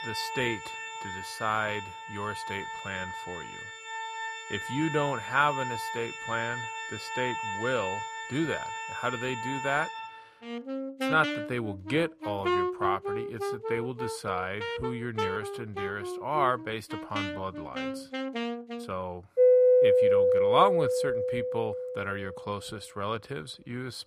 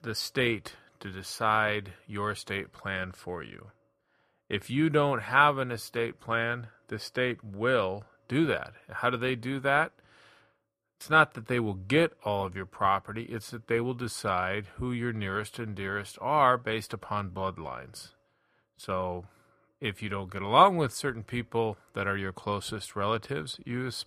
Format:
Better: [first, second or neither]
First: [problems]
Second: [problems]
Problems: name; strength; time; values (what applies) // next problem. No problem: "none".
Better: second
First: background music; very loud; throughout; 1 dB above the speech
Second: none